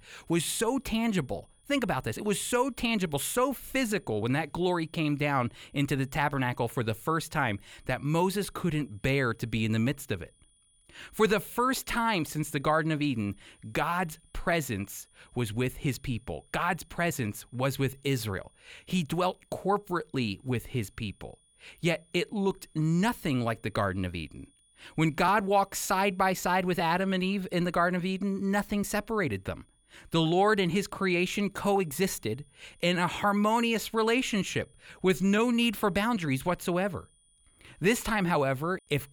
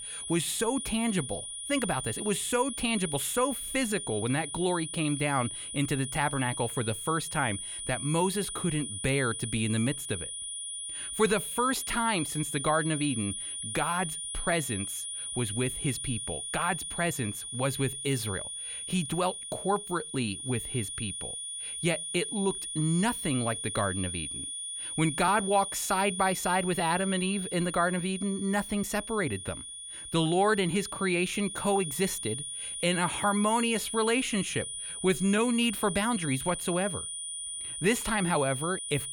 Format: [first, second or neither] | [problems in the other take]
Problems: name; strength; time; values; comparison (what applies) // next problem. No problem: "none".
first | high-pitched whine; loud; throughout; 9.5 kHz, 5 dB below the speech; faint in the first